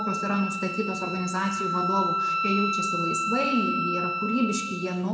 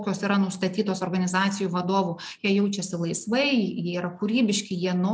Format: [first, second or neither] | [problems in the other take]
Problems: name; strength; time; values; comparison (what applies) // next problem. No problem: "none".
second | background sound (Wind instrument, woodwind instrument); as loud as the speech // room echo; dies away in 1 s